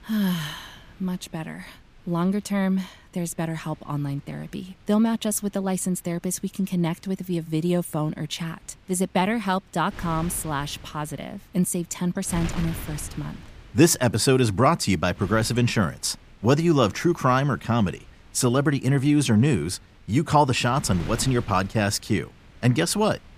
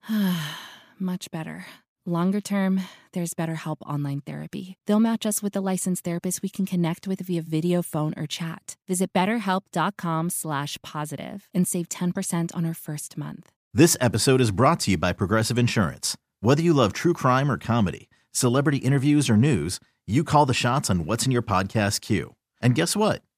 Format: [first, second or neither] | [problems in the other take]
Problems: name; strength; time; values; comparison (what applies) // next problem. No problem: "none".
second | wind noise on the microphone; occasional gusts; 20 dB below the speech